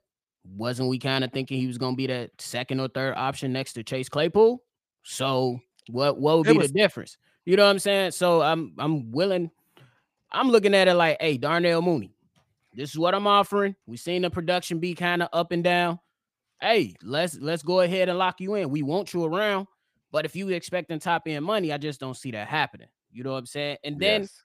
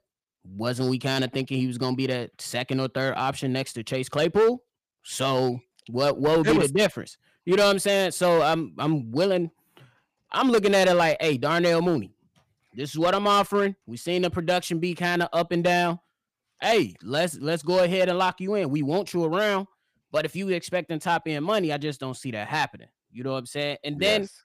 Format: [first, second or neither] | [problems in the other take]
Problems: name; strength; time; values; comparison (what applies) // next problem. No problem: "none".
first | distortion; slight; 4% of the sound clipped